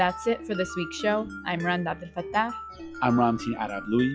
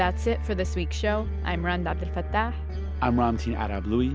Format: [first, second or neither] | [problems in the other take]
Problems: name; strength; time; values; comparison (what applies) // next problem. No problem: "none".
second | noise reduction (classical method log-MMSE)